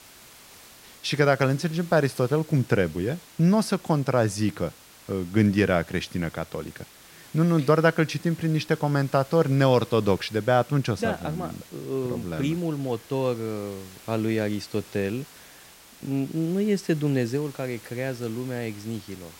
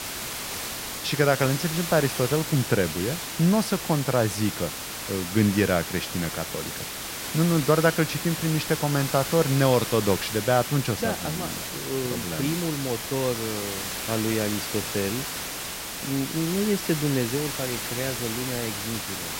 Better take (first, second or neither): first